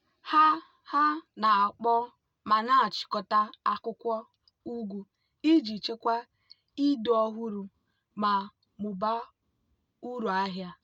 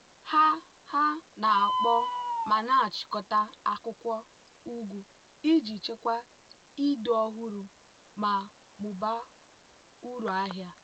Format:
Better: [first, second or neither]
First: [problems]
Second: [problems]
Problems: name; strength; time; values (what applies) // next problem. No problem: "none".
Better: first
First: none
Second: background sound (Bird); 9 dB below the speech